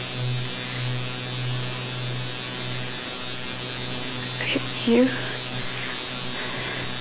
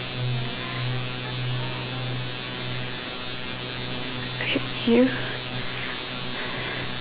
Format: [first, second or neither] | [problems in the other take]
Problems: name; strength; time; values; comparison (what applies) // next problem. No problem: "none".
first | background sound (Cricket + Wind instrument, woodwind instrument); 16 dB below the speech